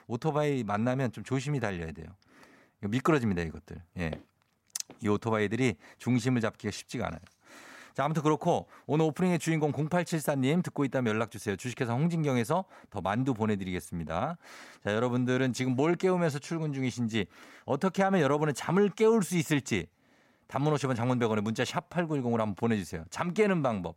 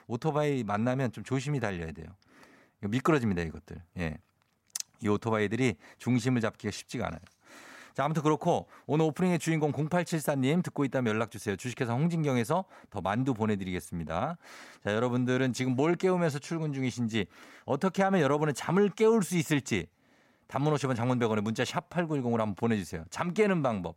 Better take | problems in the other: second | footsteps; faint; at 4 s; peak 15 dB below the speech

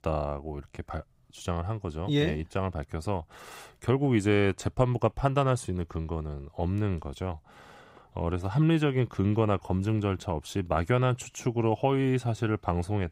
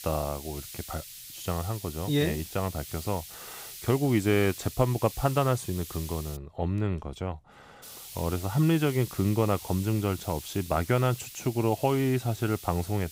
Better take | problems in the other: first | hiss; noticeable; until 6.5 s and from 8 s on; 15 dB below the speech

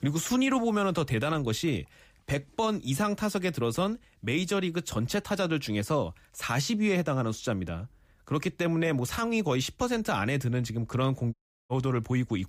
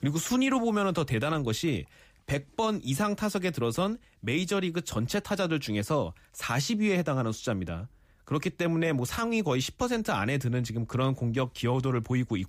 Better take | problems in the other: second | audio cutting out; at 11 s

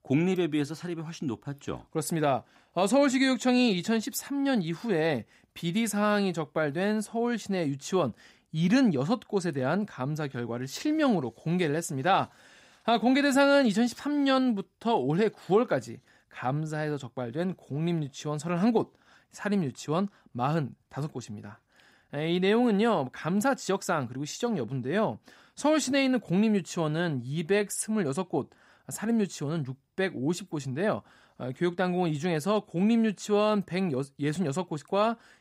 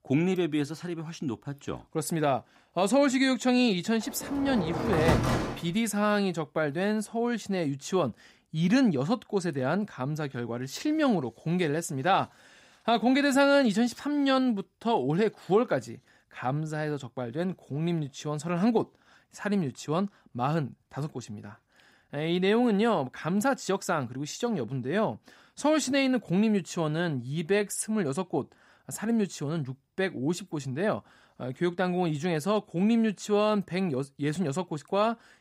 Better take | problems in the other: first | door banging; loud; from 4 to 5.5 s; peak 3 dB above the speech

